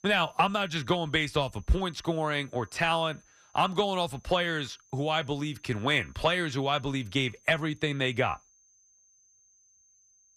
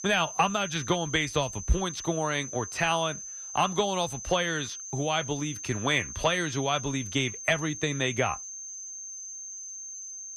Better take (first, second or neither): first